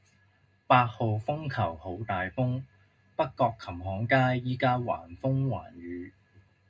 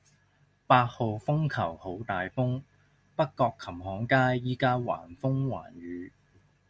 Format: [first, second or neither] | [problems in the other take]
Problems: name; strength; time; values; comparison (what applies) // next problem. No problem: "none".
second | room echo; dies away in 0.2 s